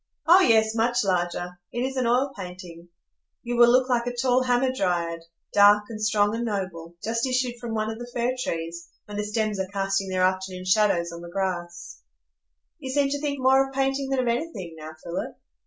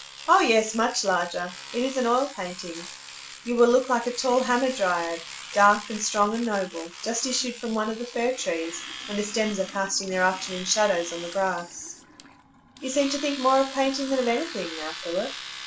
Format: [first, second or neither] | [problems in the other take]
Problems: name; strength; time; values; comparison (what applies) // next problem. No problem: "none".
first | background sound (Domestic sounds, home sounds); 14 dB below the speech